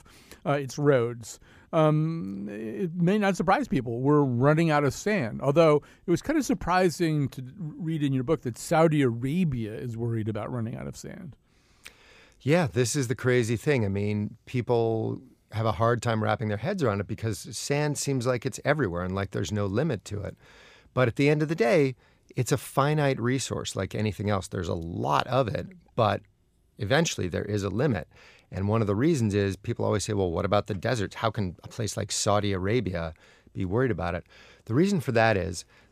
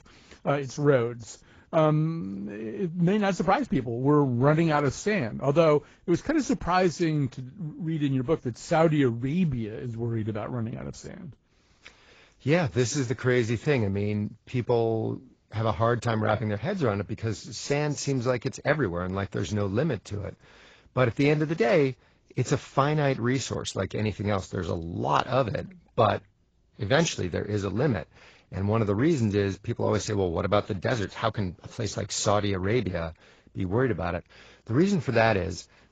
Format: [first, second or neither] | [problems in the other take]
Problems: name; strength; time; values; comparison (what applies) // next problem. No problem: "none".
first | garbled, watery; badly; nothing above 7.5 kHz